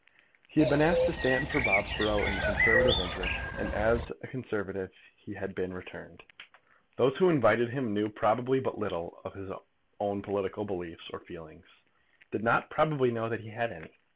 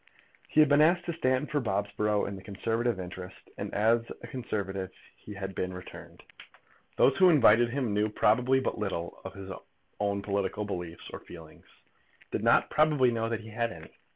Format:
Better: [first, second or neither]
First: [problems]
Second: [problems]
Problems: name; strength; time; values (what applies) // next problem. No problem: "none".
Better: second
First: background sound (Bird); 1 dB above the speech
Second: none